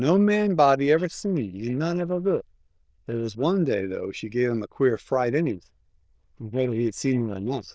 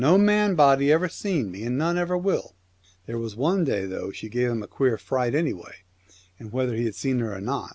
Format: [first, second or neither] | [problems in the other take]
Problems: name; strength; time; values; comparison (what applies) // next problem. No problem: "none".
second | noise reduction (neural diffusion model UNIVERSE++)